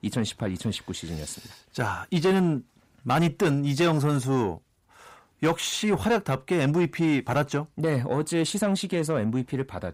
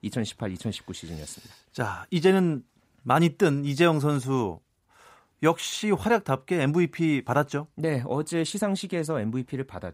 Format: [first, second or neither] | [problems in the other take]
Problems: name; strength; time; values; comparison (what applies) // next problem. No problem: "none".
second | distortion; slight; 10 dB below the speech